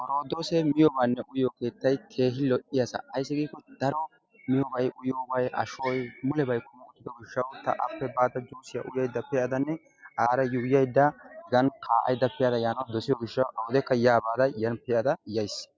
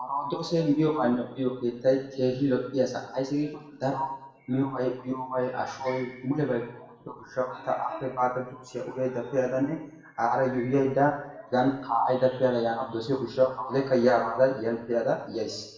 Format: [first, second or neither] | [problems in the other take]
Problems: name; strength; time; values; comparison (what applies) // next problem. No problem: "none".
first | room echo; dies away in 0.8 s